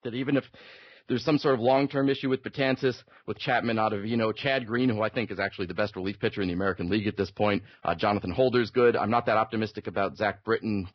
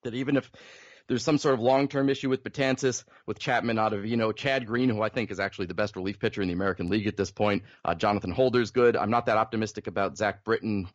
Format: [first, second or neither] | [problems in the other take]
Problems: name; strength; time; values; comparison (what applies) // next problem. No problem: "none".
second | garbled, watery; badly; nothing above 5.5 kHz; slightly in the second